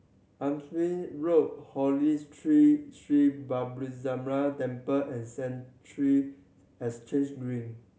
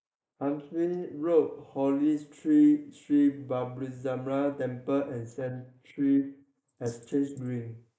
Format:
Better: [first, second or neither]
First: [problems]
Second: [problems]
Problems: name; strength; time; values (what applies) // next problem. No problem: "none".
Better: first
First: none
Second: noise reduction (neural mask model Resemble Enhance denoiser)